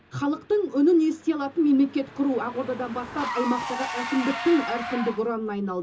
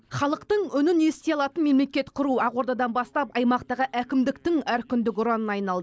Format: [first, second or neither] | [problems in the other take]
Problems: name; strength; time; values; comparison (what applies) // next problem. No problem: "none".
second | background sound (Engine / Car); 11 dB below the speech // room echo; dies away in 0.2 s